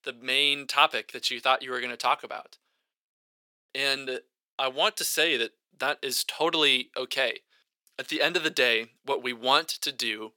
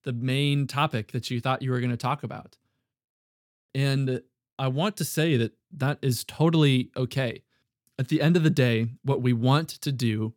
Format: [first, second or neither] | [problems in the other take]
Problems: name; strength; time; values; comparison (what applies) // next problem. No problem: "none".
second | thin; very; fading below 500 Hz